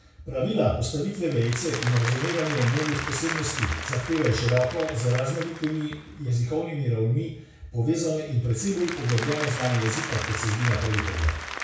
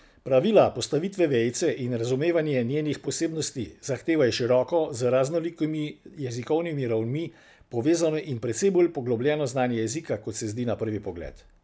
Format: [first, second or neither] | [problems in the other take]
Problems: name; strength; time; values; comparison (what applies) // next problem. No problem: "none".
second | background sound (Applause); 9 dB below the speech // room echo; dies away in 0.6 s